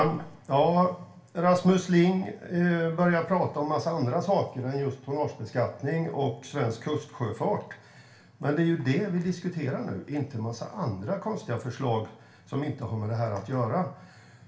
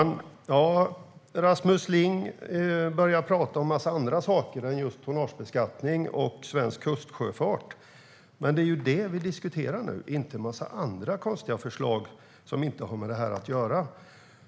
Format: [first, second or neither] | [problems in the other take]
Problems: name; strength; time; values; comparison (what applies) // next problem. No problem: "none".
second | room echo; dies away in 0.3 s